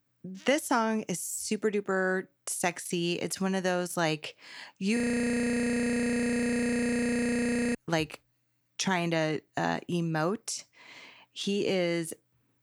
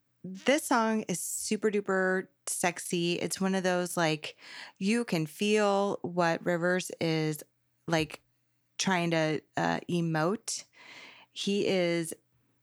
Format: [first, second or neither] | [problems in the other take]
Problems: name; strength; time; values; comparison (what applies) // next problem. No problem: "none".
second | audio freezing; at 5 s for 3 s